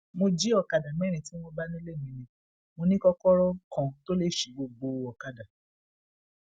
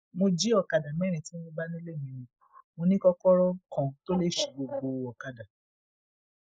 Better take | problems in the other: first | noise reduction (neural mask model Resemble Enhance denoiser)

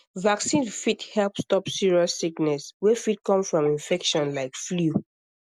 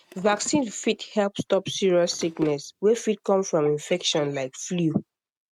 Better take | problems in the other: first | noise reduction (neural mask model RNNoise)

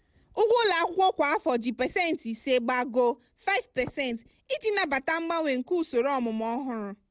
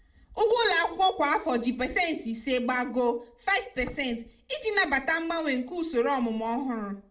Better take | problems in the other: first | room echo; dies away in 0.3 s

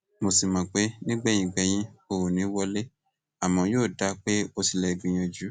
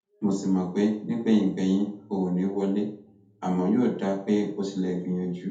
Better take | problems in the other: first | room echo; dies away in 0.6 s

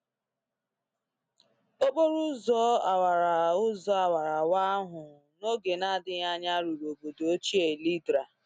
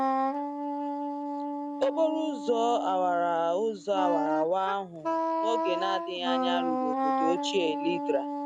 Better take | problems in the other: first | background sound (Wind instrument, woodwind instrument); 1 dB below the speech

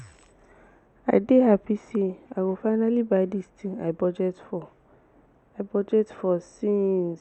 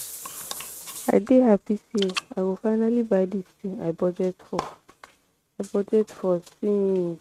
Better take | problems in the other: first | noise reduction (neural mask model RNNoise)

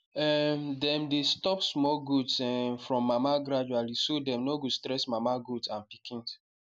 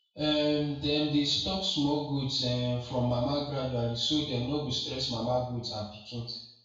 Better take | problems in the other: first | room echo; dies away in 0.6 s

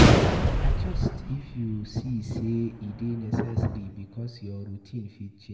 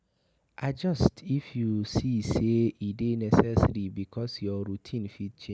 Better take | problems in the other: second | background sound (Gunshot, gunfire); 5 dB above the speech // room echo; dies away in 0.9 s

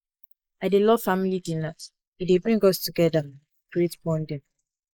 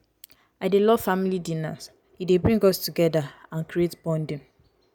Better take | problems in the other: second | noise reduction (neural mask model Resemble Enhance denoiser)

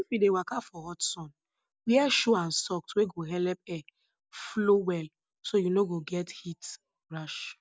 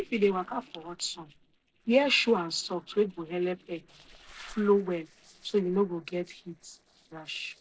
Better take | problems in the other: first | noise reduction (neural separator model SepFormer DNS4)

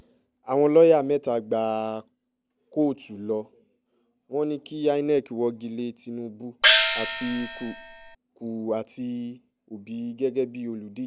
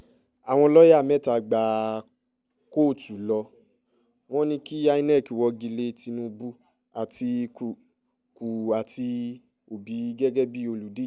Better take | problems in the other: second | background sound (Gong); 3 dB above the speech

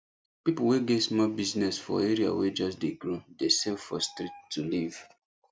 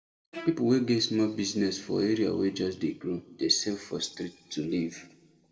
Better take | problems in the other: first | noise reduction (neural separator model SepFormer DNS4)

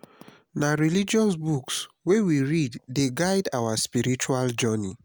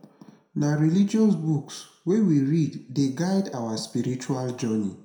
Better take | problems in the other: first | room echo; dies away in 0.6 s

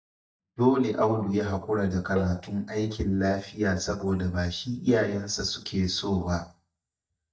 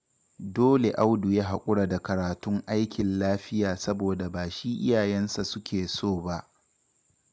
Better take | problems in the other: second | noise reduction (neural mask model DeepFilterNet 3)

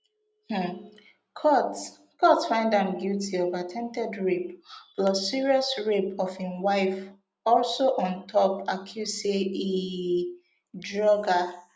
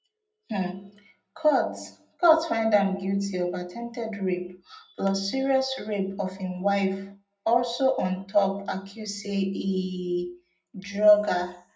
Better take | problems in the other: first | room echo; dies away in 0.3 s

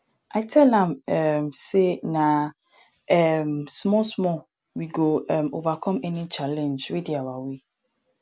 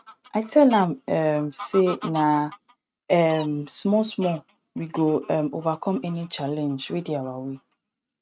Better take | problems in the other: first | noise reduction (neural mask model RNNoise)

